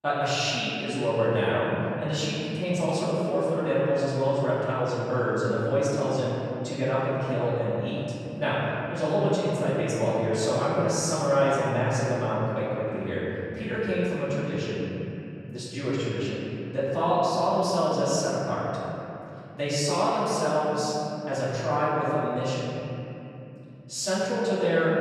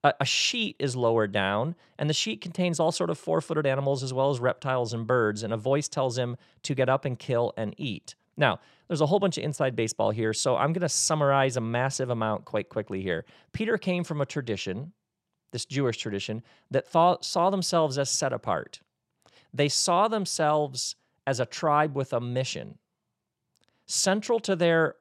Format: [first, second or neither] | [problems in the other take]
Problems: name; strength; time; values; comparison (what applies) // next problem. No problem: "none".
second | off-mic speech; far // room echo; strong; dies away in 3 s